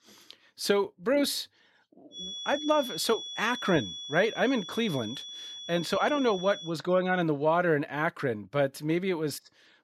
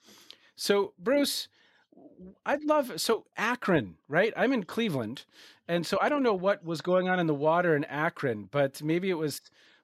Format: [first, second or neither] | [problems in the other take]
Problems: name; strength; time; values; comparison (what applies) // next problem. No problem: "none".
second | high-pitched whine; loud; from 2 to 6.5 s; 3.5 kHz, 10 dB below the speech